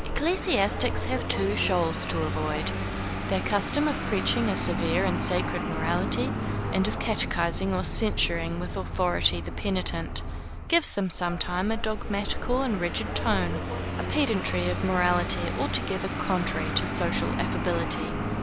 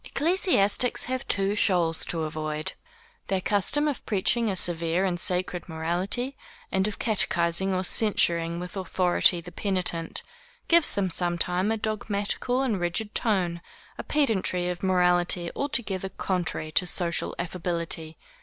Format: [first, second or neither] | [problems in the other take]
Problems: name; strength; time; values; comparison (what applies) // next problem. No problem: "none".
second | background sound (Vehicle); 1 dB below the speech